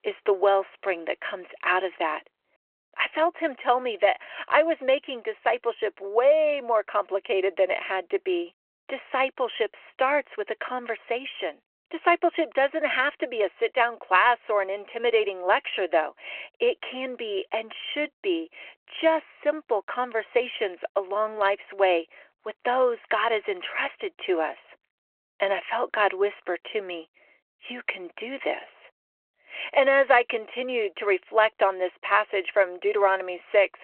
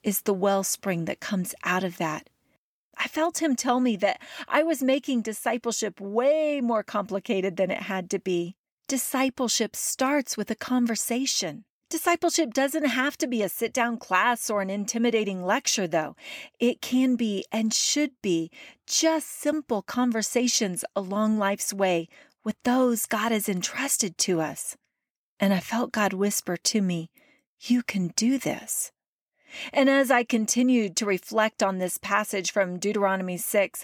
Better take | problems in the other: second | phone-call audio

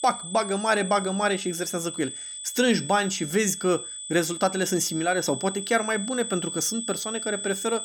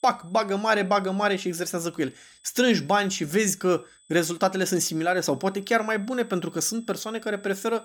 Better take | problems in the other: second | high-pitched whine; loud; throughout; 8 kHz, 7 dB below the speech; faint in the second

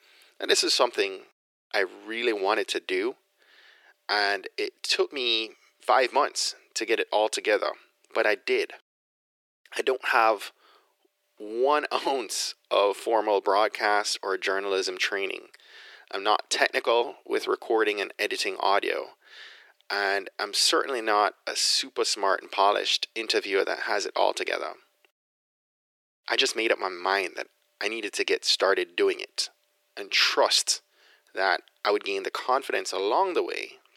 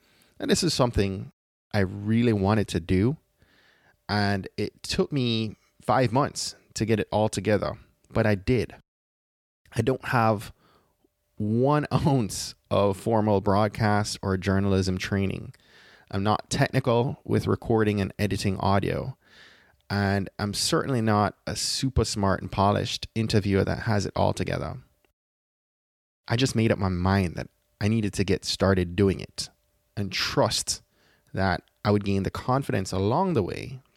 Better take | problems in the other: second | thin; very; fading below 350 Hz

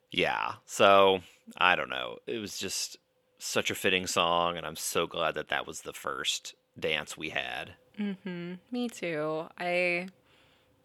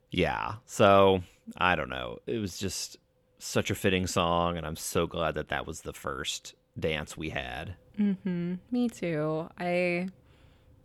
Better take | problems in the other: second | thin; very slightly; fading below 500 Hz

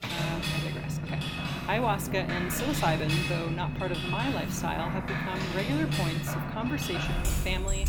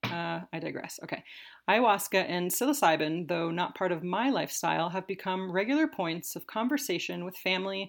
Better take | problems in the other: second | machinery noise; very loud; throughout; 2 dB above the speech

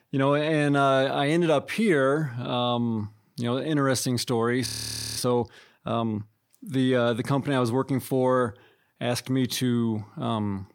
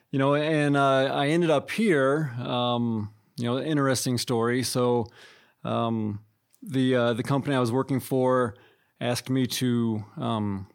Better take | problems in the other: second | audio freezing; at 4.5 s for 0.5 s

